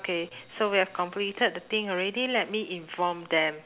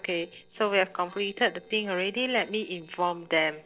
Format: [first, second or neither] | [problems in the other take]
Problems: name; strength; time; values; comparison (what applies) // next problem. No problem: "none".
first | noise reduction (neural separator model SepFormer DNS4)